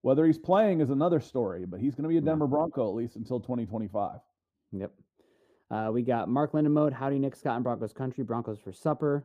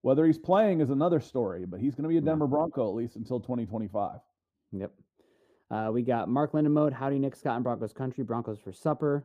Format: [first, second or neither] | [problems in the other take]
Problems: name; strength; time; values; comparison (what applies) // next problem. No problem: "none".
neither | muffled; very; fading above 1 kHz; the same in both